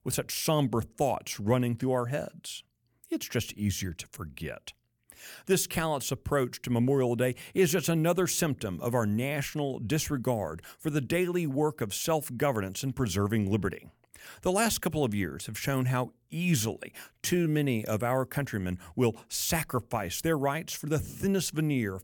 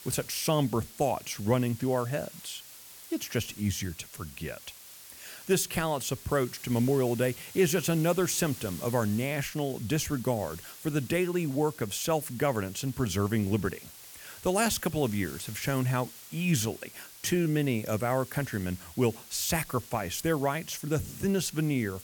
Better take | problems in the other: first | hiss; noticeable; throughout; 15 dB below the speech

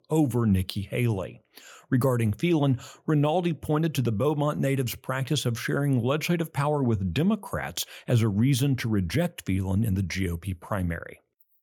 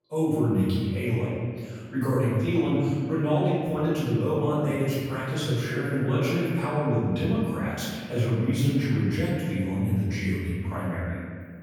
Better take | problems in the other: first | off-mic speech; far // room echo; strong; dies away in 1.8 s

